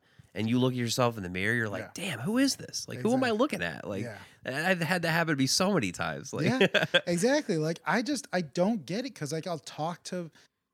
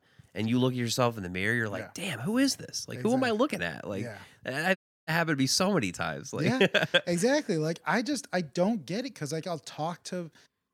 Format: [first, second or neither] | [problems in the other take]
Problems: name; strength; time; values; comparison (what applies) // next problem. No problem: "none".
first | audio cutting out; at 5 s